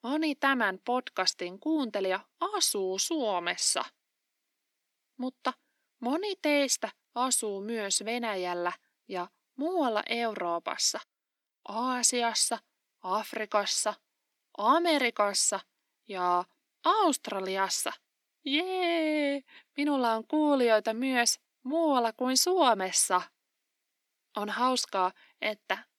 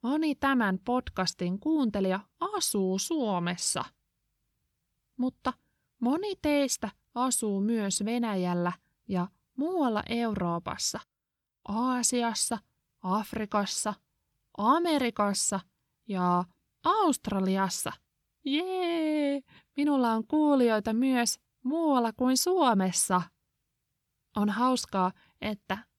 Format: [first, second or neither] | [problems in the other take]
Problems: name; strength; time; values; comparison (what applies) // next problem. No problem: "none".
second | thin; very slightly; fading below 250 Hz